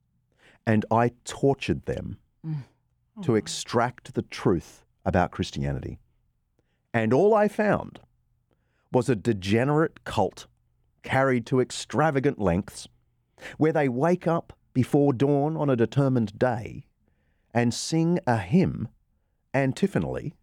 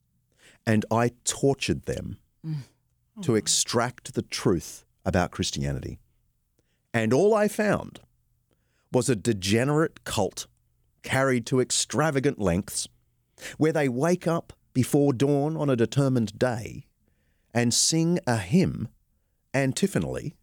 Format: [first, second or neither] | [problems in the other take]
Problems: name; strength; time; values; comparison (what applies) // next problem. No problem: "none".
second | muffled; slightly; fading above 4 kHz